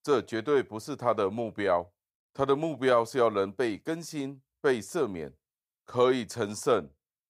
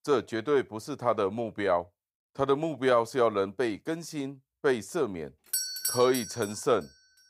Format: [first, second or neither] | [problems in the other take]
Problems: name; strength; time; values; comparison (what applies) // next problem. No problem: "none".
first | doorbell; loud; at 5.5 s; peak 1 dB above the speech